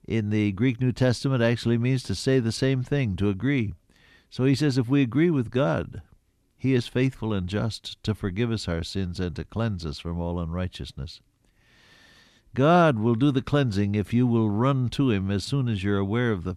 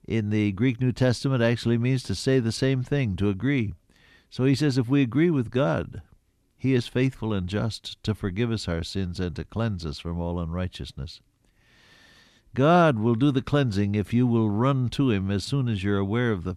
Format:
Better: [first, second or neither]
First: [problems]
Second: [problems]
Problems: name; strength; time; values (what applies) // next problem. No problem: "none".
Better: neither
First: none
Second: none